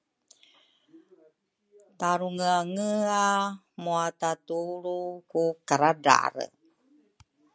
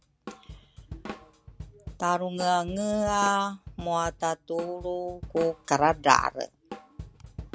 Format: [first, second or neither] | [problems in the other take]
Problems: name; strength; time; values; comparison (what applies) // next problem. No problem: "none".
first | background sound (Drum kit); 15 dB below the speech